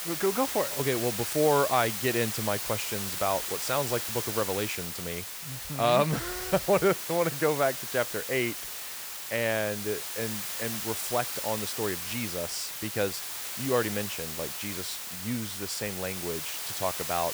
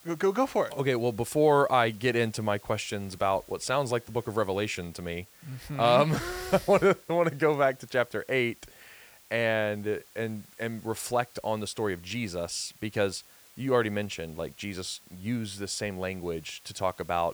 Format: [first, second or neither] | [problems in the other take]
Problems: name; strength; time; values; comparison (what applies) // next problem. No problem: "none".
second | hiss; loud; throughout; 3 dB below the speech; faint in the second